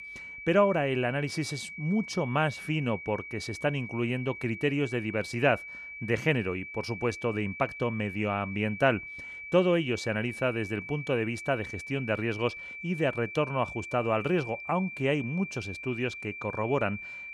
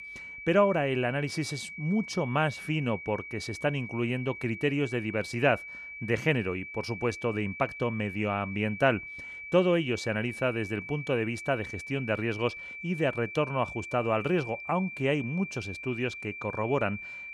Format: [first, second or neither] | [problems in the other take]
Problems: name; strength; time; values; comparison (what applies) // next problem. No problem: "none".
neither | high-pitched whine; loud; throughout; 2.5 kHz, 10 dB below the speech; the same in both